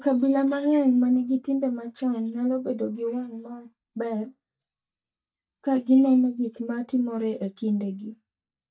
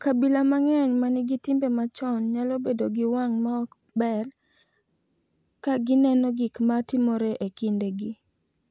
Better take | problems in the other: second | noise reduction (neural mask model DeepFilterNet 3)

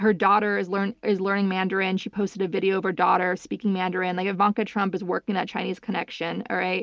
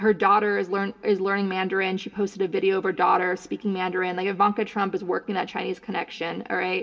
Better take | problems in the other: first | room echo; dies away in 0.3 s

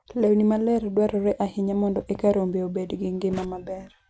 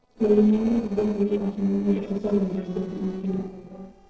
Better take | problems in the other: first | noise reduction (neural separator model SepFormer DNS4)

